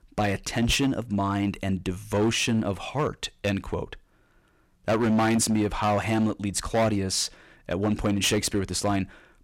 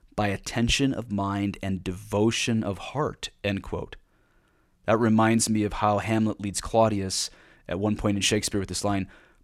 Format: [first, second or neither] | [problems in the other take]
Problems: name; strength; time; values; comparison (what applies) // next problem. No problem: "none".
second | distortion; slight; 8% of the sound clipped